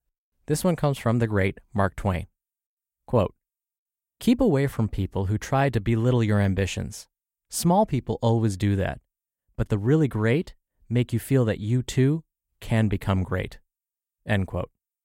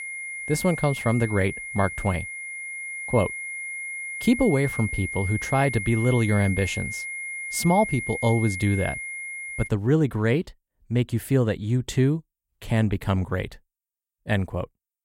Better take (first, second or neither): first